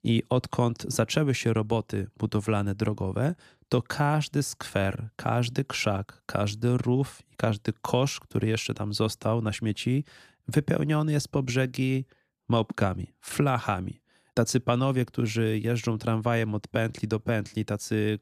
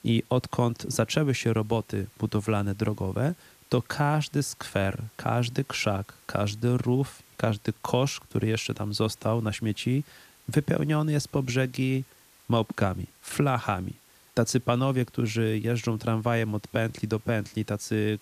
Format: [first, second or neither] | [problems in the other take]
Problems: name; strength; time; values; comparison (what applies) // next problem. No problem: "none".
first | hiss; faint; throughout; 25 dB below the speech